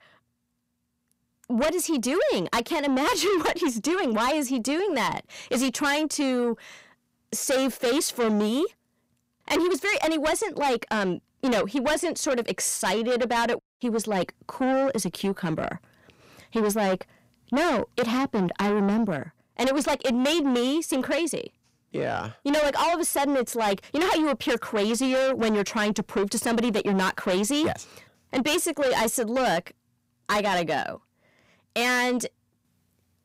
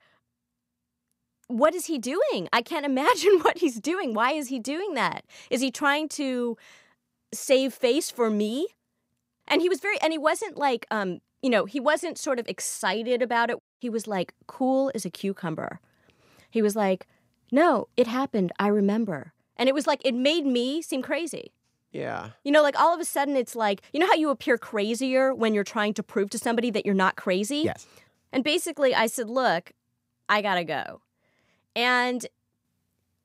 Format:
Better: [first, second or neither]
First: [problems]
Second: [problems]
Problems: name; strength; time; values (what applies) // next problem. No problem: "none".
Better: second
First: distortion; heavy; 6 dB below the speech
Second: none